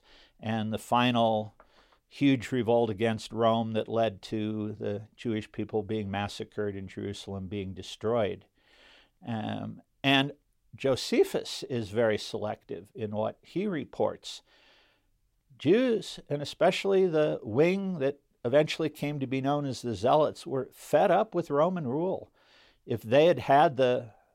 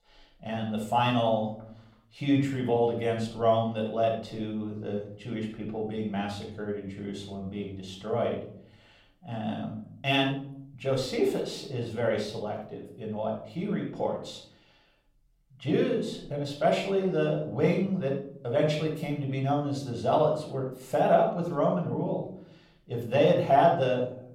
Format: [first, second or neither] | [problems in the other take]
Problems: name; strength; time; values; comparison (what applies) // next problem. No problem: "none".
first | off-mic speech; far // room echo; noticeable; dies away in 0.5 s